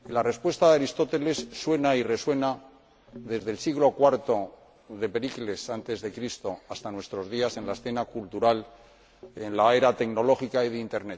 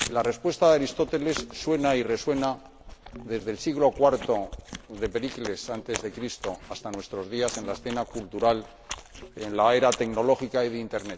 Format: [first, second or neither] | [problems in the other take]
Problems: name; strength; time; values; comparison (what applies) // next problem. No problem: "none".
first | background sound (Chewing, mastication); 15 dB below the speech